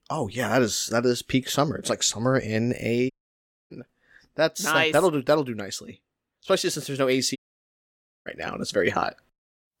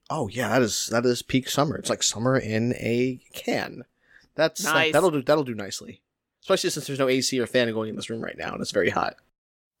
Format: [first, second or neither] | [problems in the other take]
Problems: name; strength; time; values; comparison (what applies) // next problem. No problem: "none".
second | audio cutting out; at 3 s for 0.5 s and at 7.5 s for 1 s